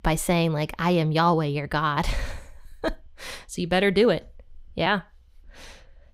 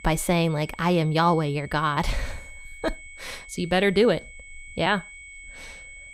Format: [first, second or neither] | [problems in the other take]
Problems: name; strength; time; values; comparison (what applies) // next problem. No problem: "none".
first | high-pitched whine; noticeable; throughout; 2 kHz, 20 dB below the speech